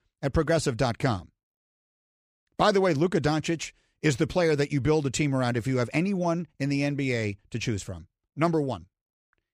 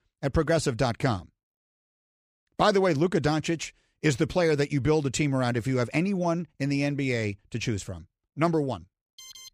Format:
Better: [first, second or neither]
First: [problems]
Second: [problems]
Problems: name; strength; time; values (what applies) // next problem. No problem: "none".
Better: first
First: none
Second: alarm; faint; at 9 s; peak 15 dB below the speech